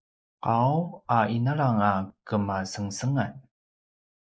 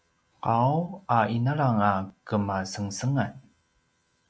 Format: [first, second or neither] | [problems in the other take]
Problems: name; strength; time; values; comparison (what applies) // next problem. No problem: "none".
second | noise reduction (neural mask model Resemble Enhance denoiser)